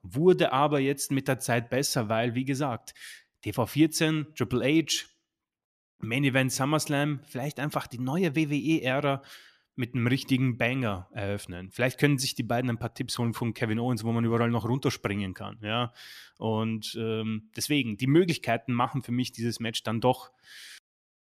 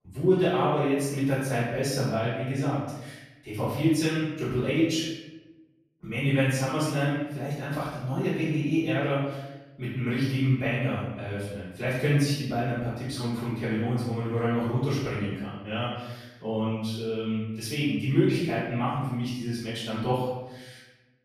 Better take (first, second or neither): first